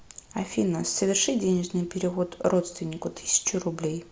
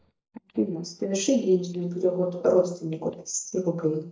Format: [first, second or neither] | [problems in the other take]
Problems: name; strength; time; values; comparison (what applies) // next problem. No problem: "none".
first | noise reduction (neural mask model DeepFilterNet 3)